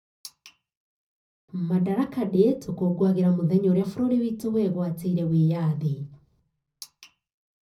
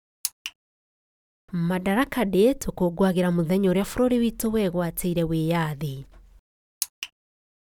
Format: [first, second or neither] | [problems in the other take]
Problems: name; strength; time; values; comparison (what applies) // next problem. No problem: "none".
second | room echo; dies away in 0.4 s